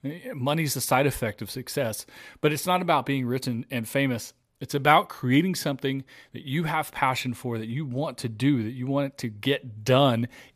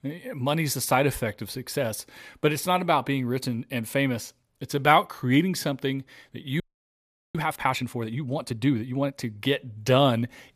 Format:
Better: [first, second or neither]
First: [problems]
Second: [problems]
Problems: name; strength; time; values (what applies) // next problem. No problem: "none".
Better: first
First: none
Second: audio freezing; at 6.5 s for 1 s